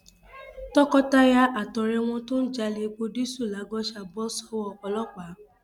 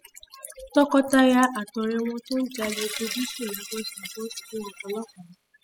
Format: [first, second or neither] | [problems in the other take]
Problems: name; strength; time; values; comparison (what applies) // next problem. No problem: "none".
first | noise reduction (classical method spectral subtraction)